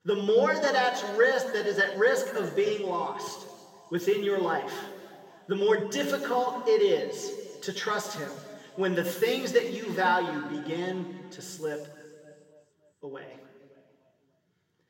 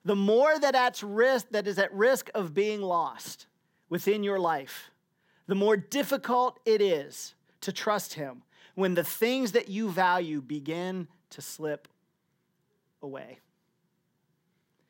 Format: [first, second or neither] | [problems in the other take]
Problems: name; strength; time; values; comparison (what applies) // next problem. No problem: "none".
second | room echo; noticeable; dies away in 2.1 s // off-mic speech; somewhat distant